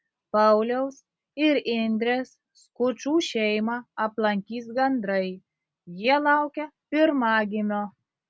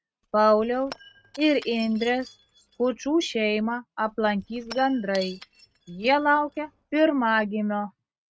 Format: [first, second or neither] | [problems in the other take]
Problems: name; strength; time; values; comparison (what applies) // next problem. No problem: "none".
first | noise reduction (neural mask model RNNoise)